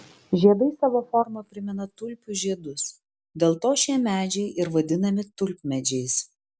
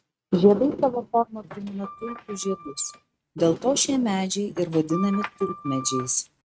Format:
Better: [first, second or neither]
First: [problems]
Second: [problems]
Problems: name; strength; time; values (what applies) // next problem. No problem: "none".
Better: first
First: none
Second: noise reduction (neural mask model RNNoise)